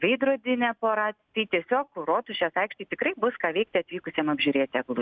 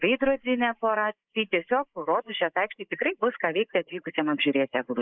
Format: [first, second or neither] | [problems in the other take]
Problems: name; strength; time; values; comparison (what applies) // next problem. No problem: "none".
first | noise reduction (neural mask model Resemble Enhance denoiser)